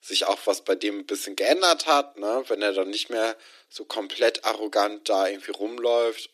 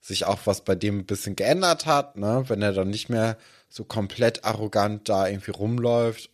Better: second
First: thin; somewhat; fading below 300 Hz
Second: none

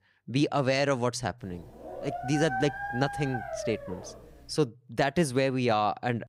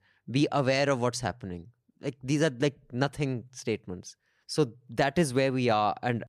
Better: second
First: dog barking; noticeable; from 1.5 to 4.5 s; peak 5 dB below the speech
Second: none

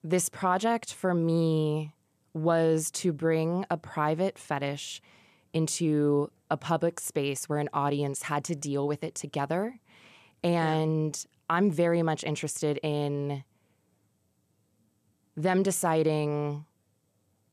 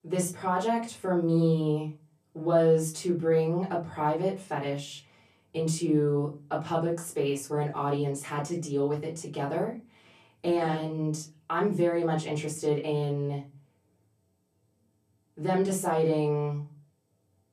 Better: first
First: none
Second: off-mic speech; far // room echo; very slight; dies away in 0.3 s

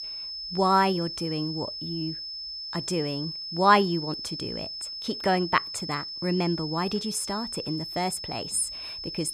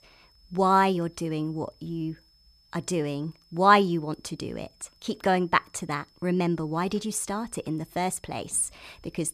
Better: second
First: high-pitched whine; loud; throughout; 5 kHz, 6 dB below the speech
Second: high-pitched whine; faint; throughout; 5 kHz, 35 dB below the speech

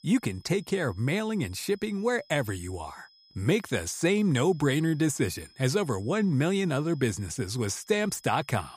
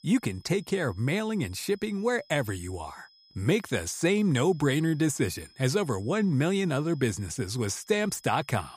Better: neither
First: high-pitched whine; faint; throughout; 5 kHz, 30 dB below the speech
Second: high-pitched whine; faint; throughout; 5 kHz, 30 dB below the speech

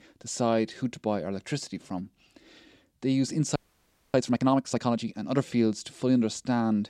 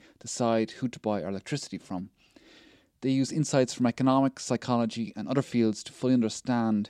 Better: second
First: audio freezing; at 3.5 s for 0.5 s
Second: none

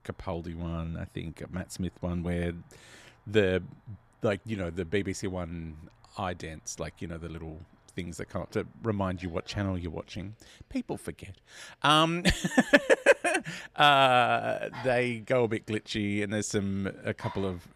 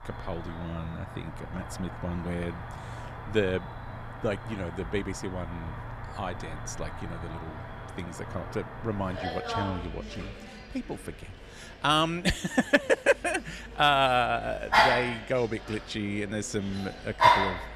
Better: first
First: animal sounds; faint; throughout; 25 dB below the speech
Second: animal sounds; loud; throughout; 2 dB below the speech

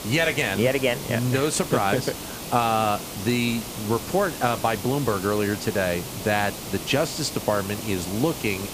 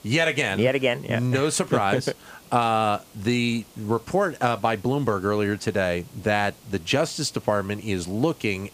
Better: second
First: hiss; loud; throughout; 9 dB below the speech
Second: hiss; faint; throughout; 25 dB below the speech

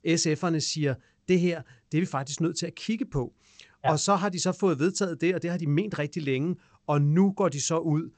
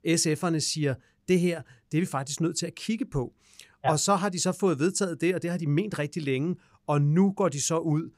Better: second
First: garbled, watery; slightly; nothing above 8 kHz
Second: none

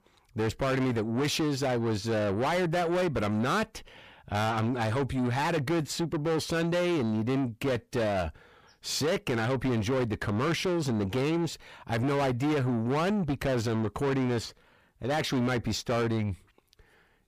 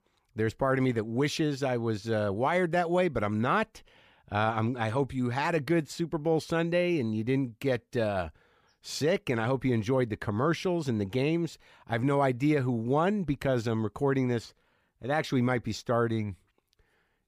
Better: second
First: distortion; heavy; 7 dB below the speech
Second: none

